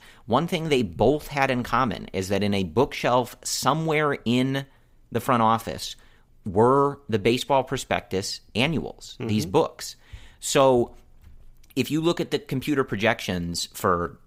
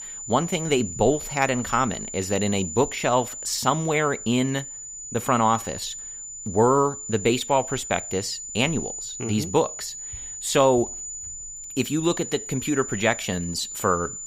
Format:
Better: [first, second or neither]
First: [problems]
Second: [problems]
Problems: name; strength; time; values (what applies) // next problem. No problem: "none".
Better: first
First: none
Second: high-pitched whine; loud; throughout; 7 kHz, 9 dB below the speech